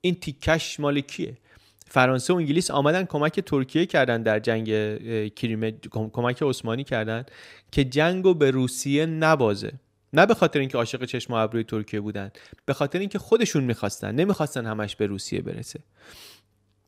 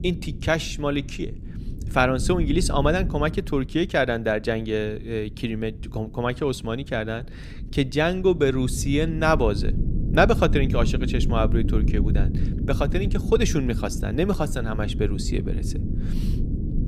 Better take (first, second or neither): first